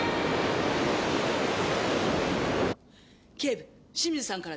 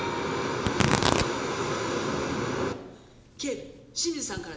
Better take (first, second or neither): first